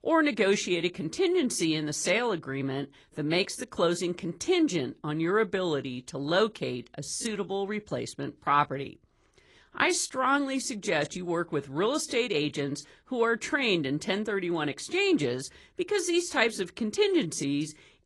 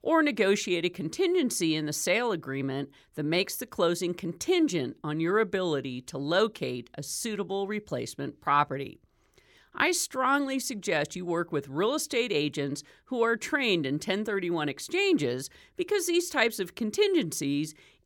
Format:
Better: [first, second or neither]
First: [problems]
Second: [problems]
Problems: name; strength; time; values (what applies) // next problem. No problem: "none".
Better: second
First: garbled, watery; slightly; nothing above 10.5 kHz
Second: none